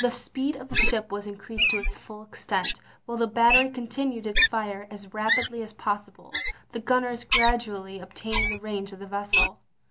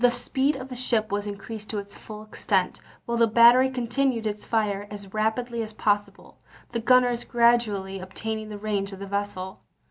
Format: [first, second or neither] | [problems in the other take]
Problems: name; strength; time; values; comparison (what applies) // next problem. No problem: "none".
second | background sound (Wild animals); as loud as the speech